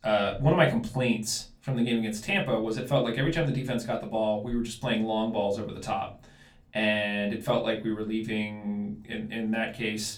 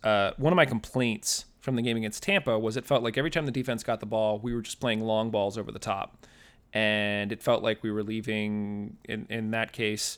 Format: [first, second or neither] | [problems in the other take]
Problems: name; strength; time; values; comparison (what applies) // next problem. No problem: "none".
second | off-mic speech; far // room echo; very slight; dies away in 0.3 s